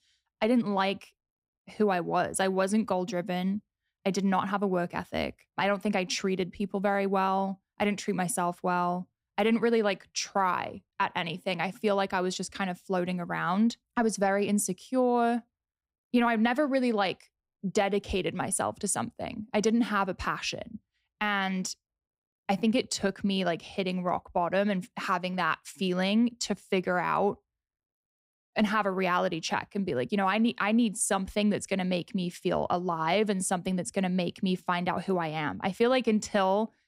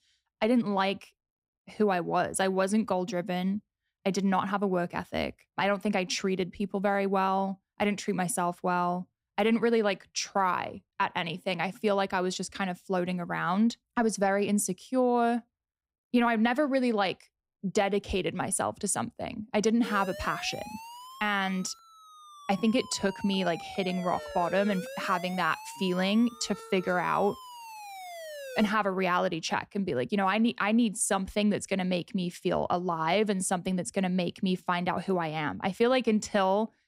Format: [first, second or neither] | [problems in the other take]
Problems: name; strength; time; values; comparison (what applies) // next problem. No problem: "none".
first | siren; faint; from 20 to 29 s; peak 10 dB below the speech